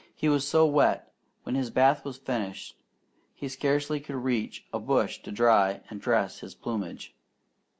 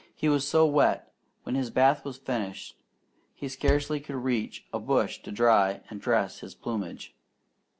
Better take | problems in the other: first | background sound (Bass drum); 7 dB below the speech

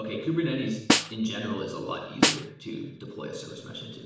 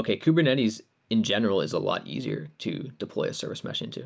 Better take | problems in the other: second | background sound (Snare drum); 3 dB above the speech // room echo; dies away in 0.7 s

